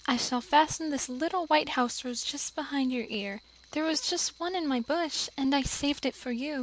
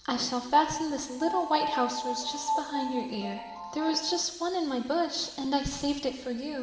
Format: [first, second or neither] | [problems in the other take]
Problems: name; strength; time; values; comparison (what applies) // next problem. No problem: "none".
first | background sound (Piano); 5 dB below the speech // room echo; dies away in 1.6 s